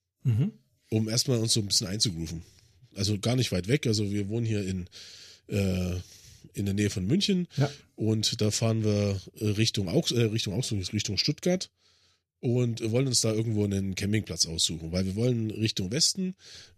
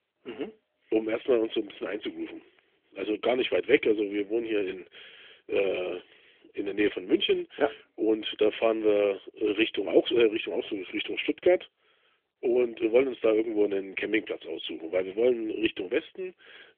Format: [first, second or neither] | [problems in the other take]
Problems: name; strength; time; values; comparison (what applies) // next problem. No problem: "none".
first | phone-call audio; nothing above 3.5 kHz